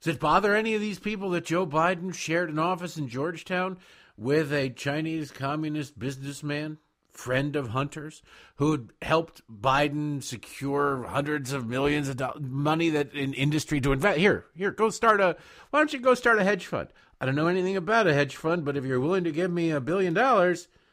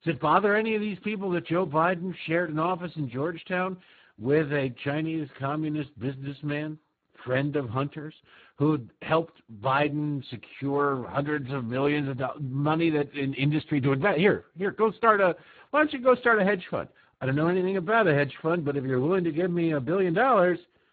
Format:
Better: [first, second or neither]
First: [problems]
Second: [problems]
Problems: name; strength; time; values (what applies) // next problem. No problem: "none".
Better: first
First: none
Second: garbled, watery; badly; nothing above 4 kHz